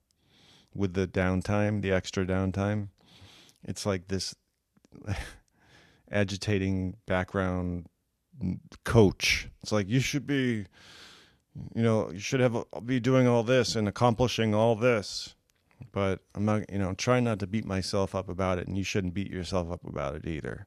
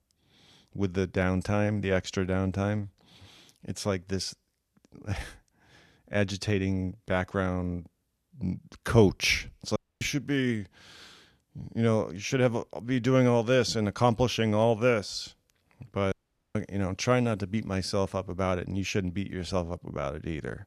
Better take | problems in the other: first | audio cutting out; at 10 s and at 16 s

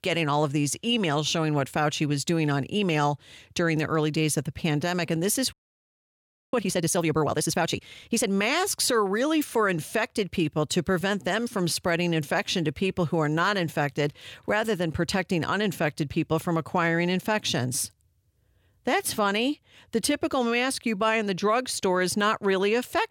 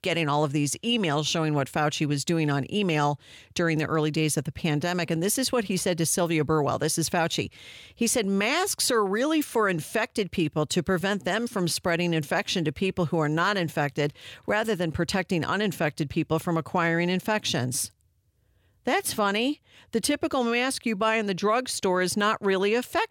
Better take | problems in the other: second | audio freezing; at 5.5 s for 1 s

